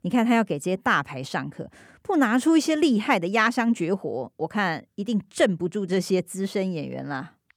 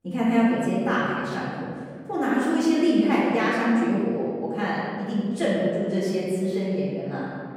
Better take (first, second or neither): first